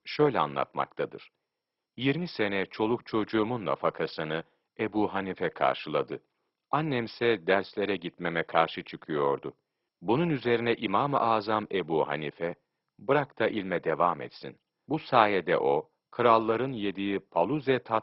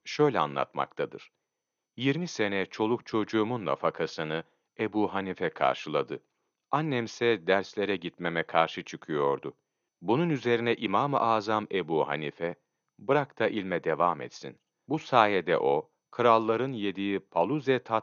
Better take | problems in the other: second | garbled, watery; badly; nothing above 5.5 kHz; slightly in the second

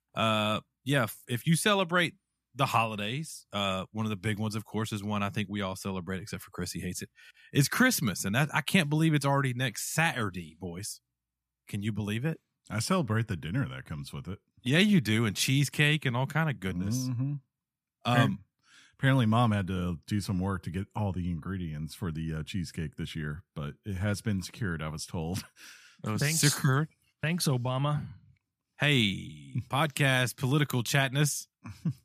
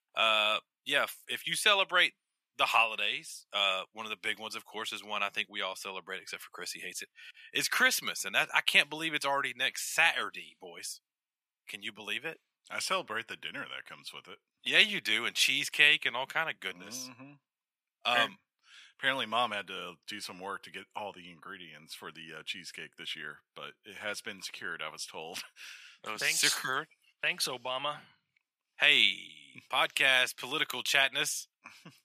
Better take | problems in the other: first | thin; very; fading below 600 Hz

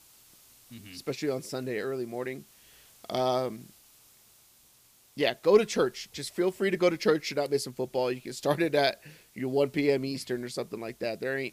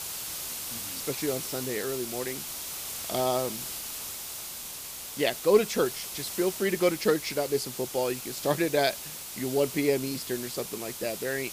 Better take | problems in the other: first | hiss; loud; throughout; 6 dB below the speech; faint in the first

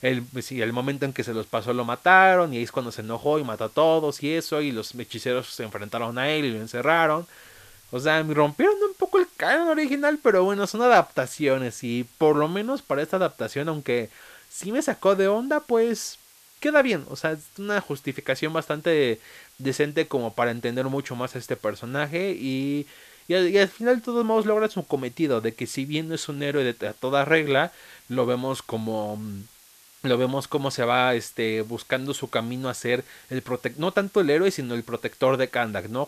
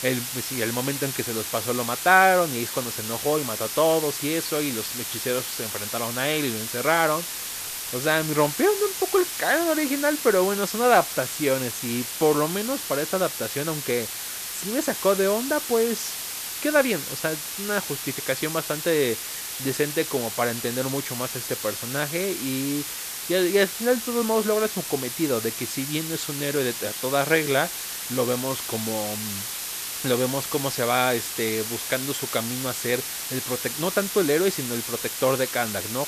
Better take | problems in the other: first | hiss; loud; throughout; 4 dB below the speech; faint in the first

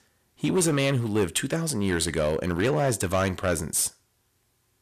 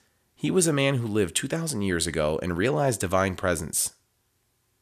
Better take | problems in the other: second | distortion; slight; 5% of the sound clipped

